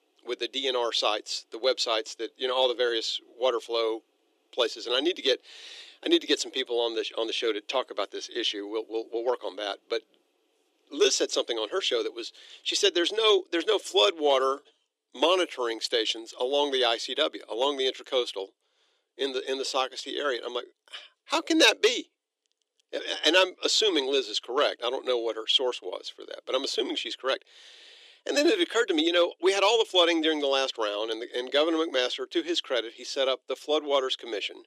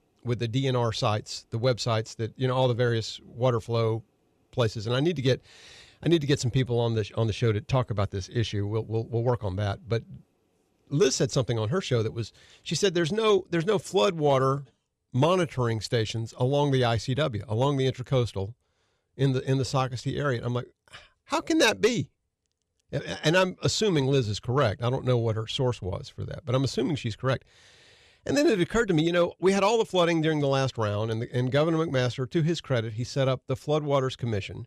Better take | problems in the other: second | thin; very; fading below 300 Hz

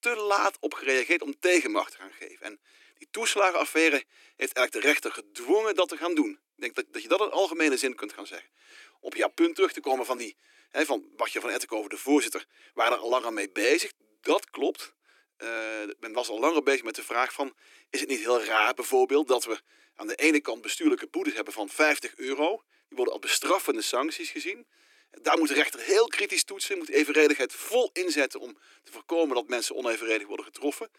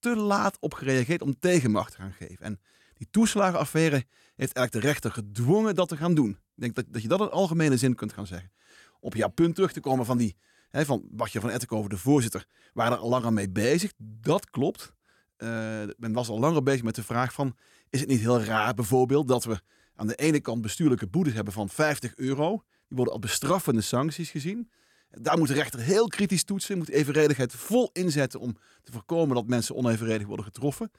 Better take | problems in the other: second | thin; somewhat; fading below 300 Hz

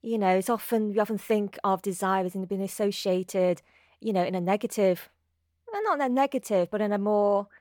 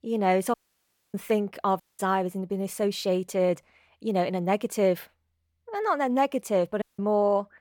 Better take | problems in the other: first | audio cutting out; at 0.5 s for 0.5 s, at 2 s and at 7 s

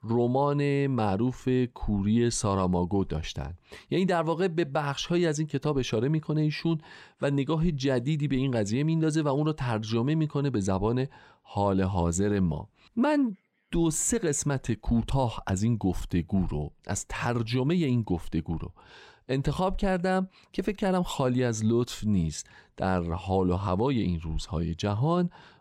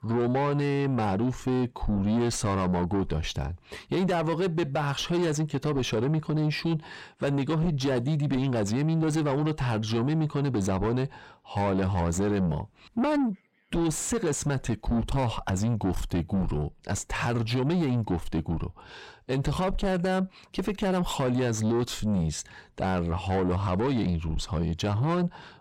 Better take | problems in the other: first | distortion; slight; 10 dB below the speech

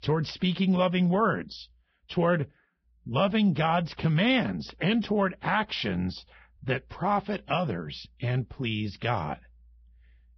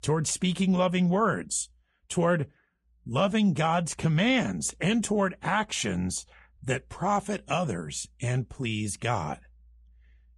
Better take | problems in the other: second | garbled, watery; badly; nothing above 5.5 kHz; slightly in the second

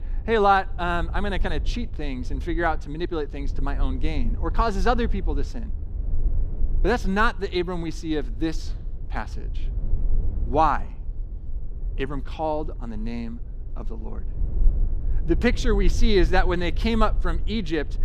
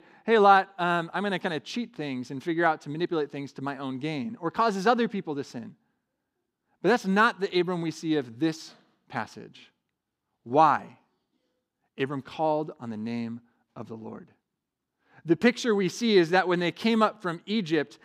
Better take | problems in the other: second | low rumble; faint; throughout; 25 dB below the speech

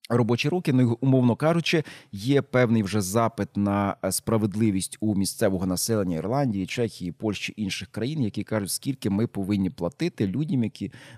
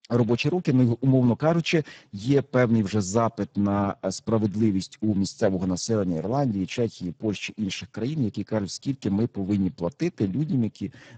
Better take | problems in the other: first | garbled, watery; badly; nothing above 7.5 kHz

